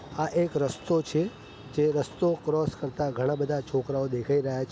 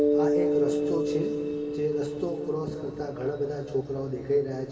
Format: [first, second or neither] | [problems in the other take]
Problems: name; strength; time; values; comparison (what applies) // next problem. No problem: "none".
first | background sound (Mallet percussion); 1 dB above the speech // room echo; dies away in 2.3 s